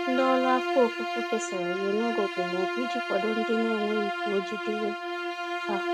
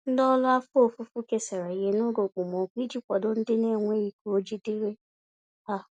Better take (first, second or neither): second